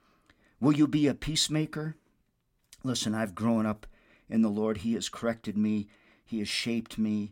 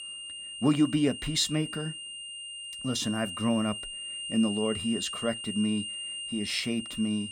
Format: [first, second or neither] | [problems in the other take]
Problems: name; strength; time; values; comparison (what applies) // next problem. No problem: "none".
first | high-pitched whine; loud; throughout; 3 kHz, 6 dB below the speech